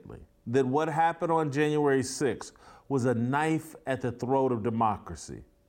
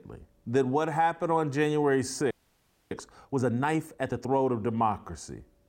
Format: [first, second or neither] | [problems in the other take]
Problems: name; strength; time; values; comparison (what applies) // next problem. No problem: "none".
first | audio freezing; at 2.5 s for 0.5 s